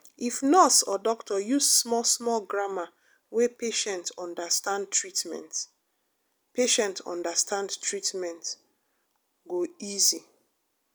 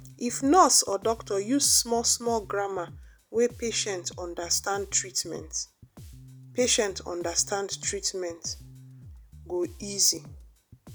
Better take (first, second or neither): first